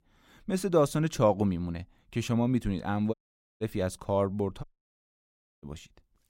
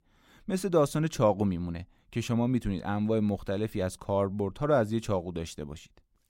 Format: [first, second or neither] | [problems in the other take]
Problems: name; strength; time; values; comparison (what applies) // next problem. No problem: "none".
second | audio cutting out; at 3 s and at 4.5 s for 1 s